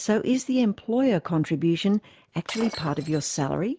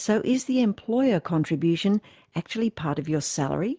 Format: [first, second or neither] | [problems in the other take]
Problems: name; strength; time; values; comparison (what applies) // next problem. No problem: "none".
second | background sound (Shatter); 15 dB below the speech